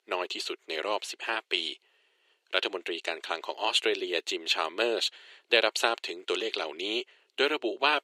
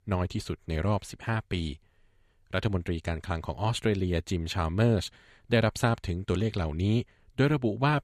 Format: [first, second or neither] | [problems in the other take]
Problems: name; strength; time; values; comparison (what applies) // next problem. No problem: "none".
second | thin; very; fading below 350 Hz